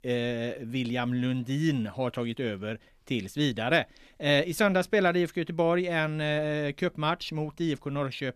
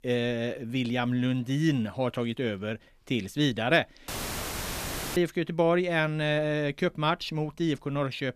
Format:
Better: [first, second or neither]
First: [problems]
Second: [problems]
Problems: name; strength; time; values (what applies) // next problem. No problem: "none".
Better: first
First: none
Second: audio cutting out; filled with static; at 4 s for 1 s